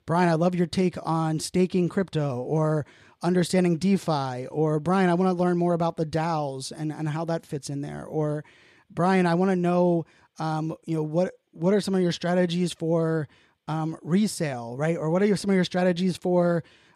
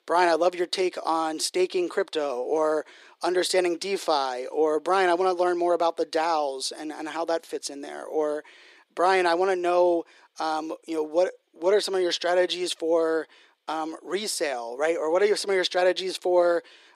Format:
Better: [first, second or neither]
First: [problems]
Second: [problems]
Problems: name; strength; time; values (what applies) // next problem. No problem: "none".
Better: first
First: none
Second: thin; very; fading below 350 Hz